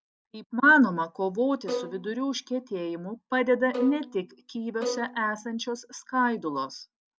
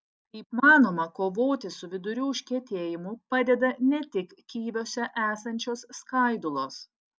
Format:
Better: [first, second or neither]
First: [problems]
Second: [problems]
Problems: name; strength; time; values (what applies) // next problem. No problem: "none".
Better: second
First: background sound (Bowed string instrument); 9 dB below the speech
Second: none